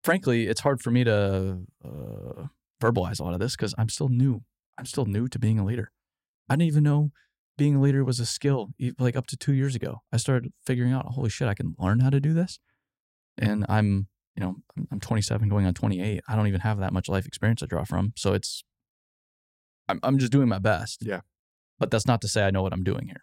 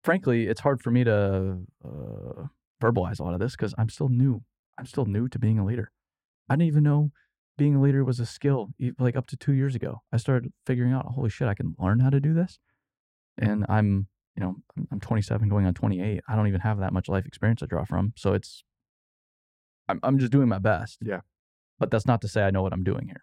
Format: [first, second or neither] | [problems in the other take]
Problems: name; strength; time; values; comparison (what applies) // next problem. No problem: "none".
first | muffled; slightly; fading above 3 kHz